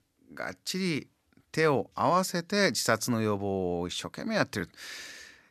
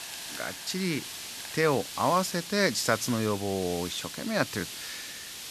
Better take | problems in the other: first | hiss; loud; throughout; 8 dB below the speech

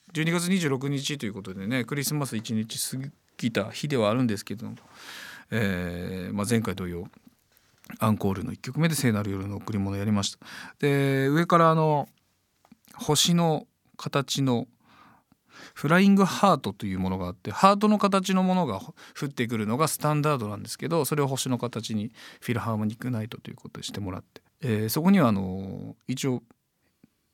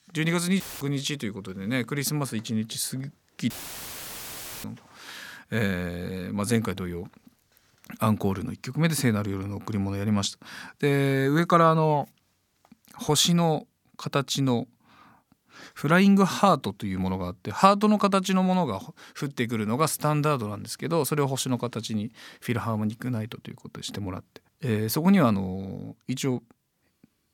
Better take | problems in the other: first | audio cutting out; filled with static; at 0.5 s and at 3.5 s for 1 s

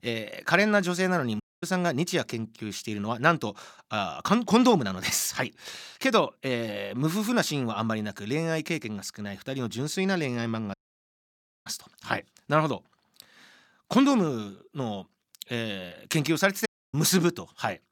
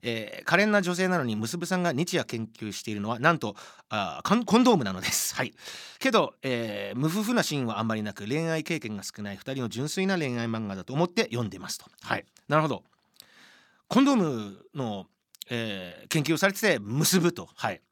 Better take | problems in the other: second | audio cutting out; at 1.5 s, at 11 s for 1 s and at 17 s

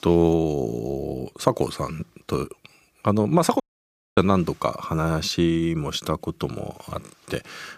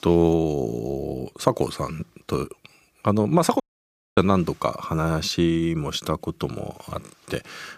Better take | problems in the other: neither | audio cutting out; at 3.5 s for 0.5 s; the same in both

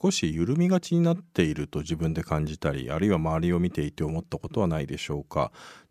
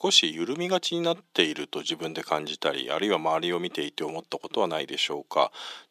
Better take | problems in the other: first | thin; very; fading below 300 Hz

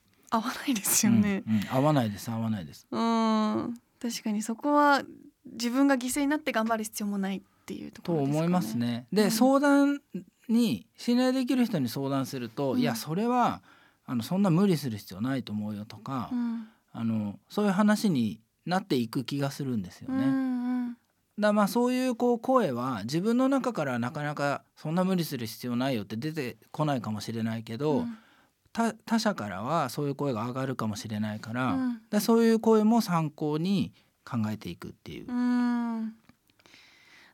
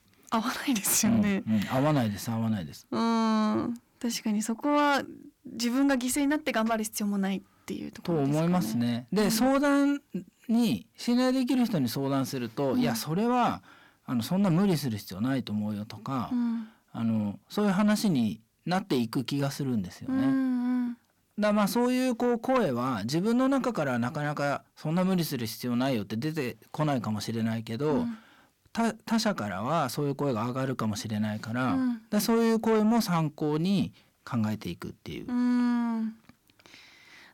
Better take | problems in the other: first | distortion; slight; 10 dB below the speech

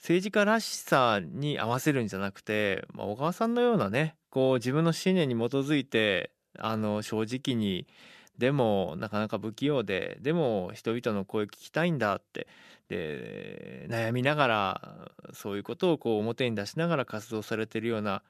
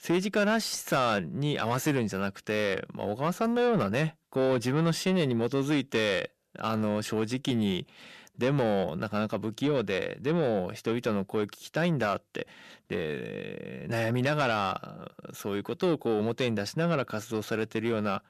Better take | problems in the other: first | distortion; slight; 10 dB below the speech

